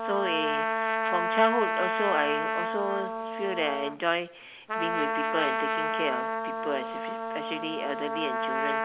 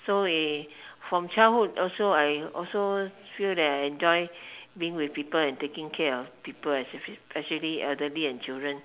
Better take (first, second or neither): second